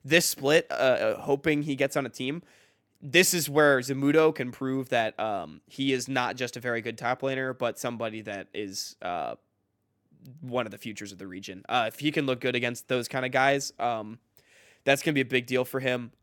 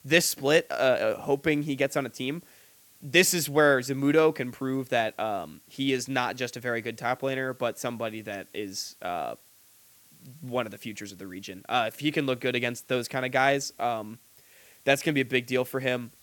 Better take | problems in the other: first | hiss; faint; throughout; 30 dB below the speech

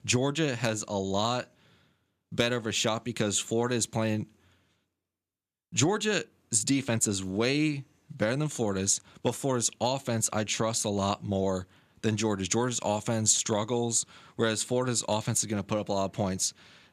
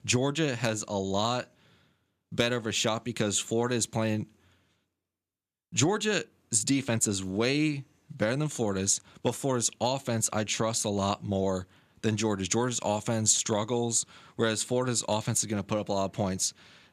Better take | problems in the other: neither | none

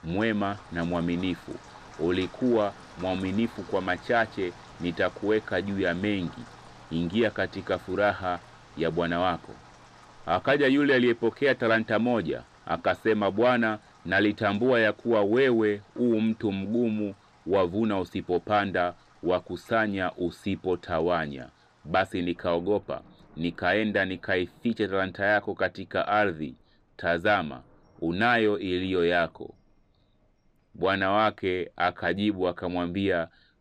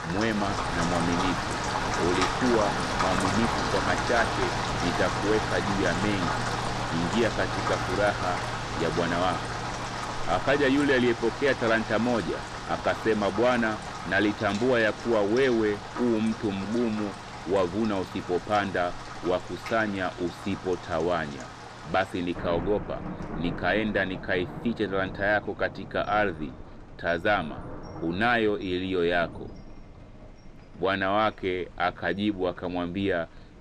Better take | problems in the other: first | rain or running water; loud; throughout; 4 dB below the speech; faint in the first

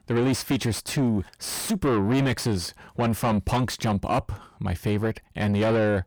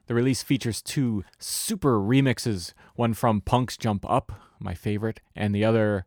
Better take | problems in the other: second | distortion; heavy; 6 dB below the speech

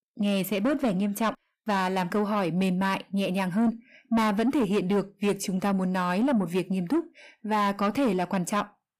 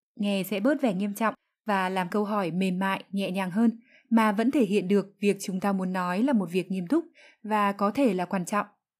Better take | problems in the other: second | distortion; slight; 10 dB below the speech

